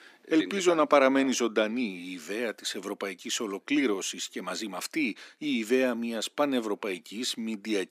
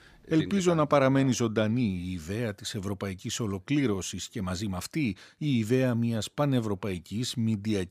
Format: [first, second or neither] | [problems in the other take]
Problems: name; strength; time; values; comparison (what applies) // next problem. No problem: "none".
second | thin; very slightly; fading below 250 Hz